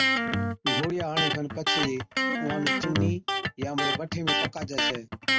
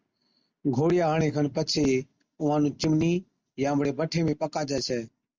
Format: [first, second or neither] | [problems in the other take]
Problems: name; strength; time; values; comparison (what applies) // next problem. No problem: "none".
second | background sound (Electric guitar); 5 dB above the speech